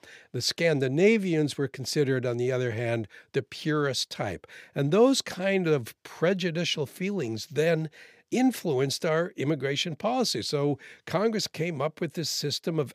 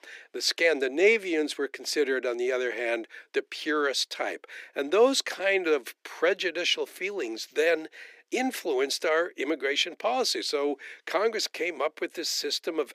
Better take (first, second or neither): first